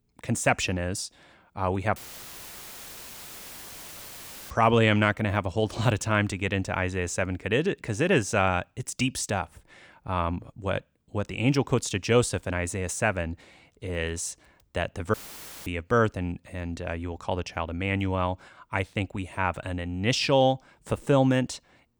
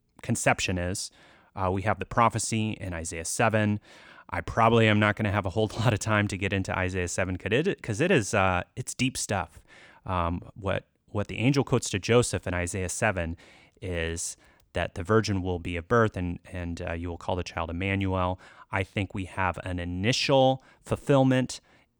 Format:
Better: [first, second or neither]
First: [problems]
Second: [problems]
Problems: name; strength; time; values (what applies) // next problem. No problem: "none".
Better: second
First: audio cutting out; filled with static; at 2 s for 2.5 s and at 15 s for 0.5 s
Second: none